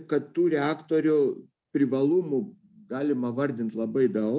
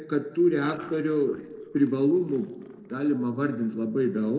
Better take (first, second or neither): first